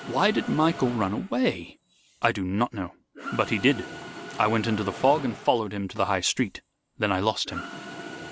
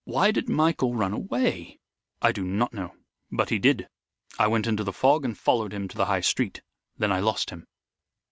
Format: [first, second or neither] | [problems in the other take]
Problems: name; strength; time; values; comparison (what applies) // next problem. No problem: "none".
second | background sound (Mechanisms); 14 dB below the speech